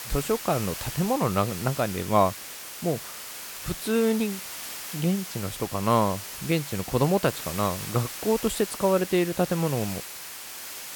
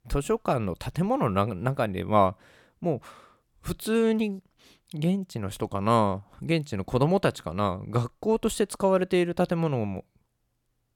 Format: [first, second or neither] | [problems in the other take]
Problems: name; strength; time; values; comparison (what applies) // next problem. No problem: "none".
second | hiss; loud; throughout; 9 dB below the speech